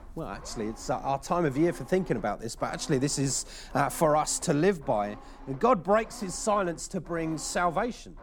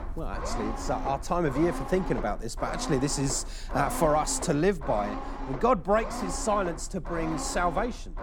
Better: first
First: low rumble; faint; throughout; 20 dB below the speech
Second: low rumble; loud; throughout; 9 dB below the speech

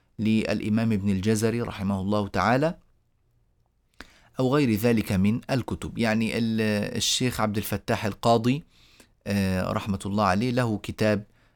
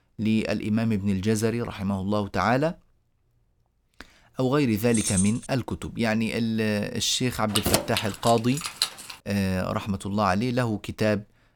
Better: first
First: none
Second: jangling keys; noticeable; at 5 s; peak 1 dB below the speech // jangling keys; loud; from 7.5 to 9 s; peak 2 dB above the speech

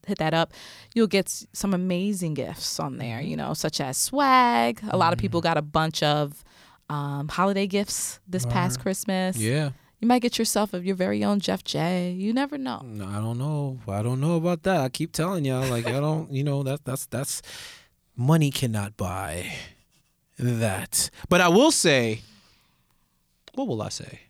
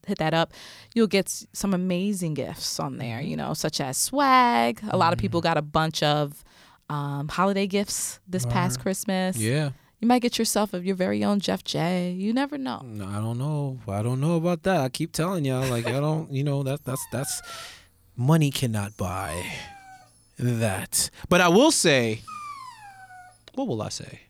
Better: first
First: none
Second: dog barking; faint; from 17 to 23 s; peak 10 dB below the speech

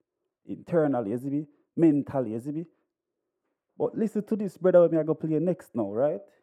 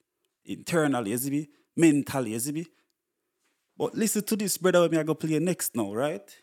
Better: second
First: muffled; very; fading above 2 kHz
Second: none

